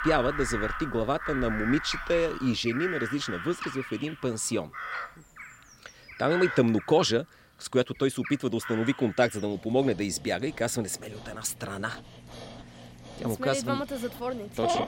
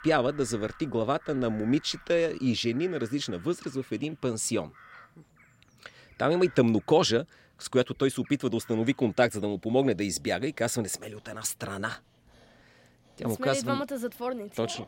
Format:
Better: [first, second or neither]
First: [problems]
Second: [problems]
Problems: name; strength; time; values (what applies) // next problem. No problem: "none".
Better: second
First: animal sounds; loud; throughout; 9 dB below the speech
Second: animal sounds; faint; throughout; 25 dB below the speech